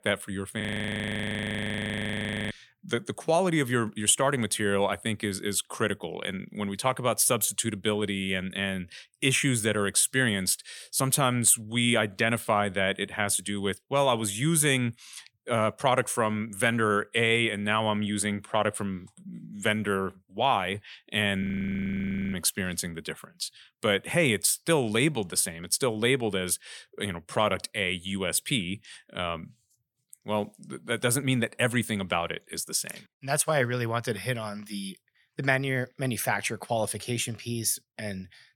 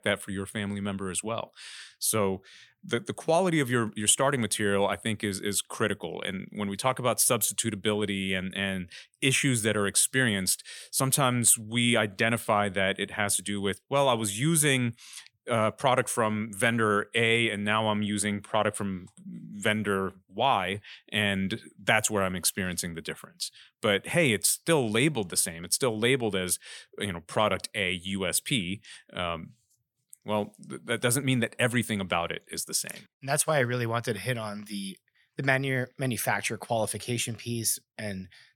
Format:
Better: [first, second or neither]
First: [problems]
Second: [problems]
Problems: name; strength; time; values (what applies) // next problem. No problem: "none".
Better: second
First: audio freezing; at 0.5 s for 2 s and at 21 s for 1 s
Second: none